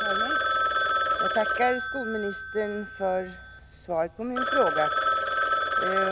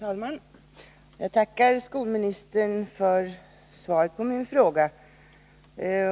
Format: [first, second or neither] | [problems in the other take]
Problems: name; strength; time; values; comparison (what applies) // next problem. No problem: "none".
second | background sound (Telephone); 3 dB above the speech